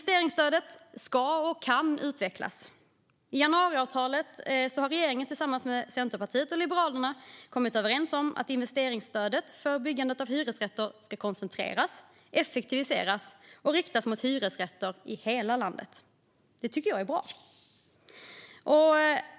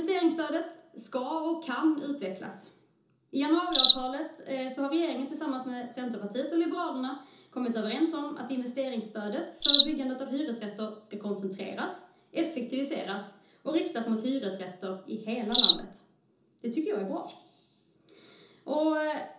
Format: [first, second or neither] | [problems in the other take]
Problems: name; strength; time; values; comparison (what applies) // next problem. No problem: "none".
first | background sound (Cricket); 4 dB below the speech // room echo; dies away in 0.6 s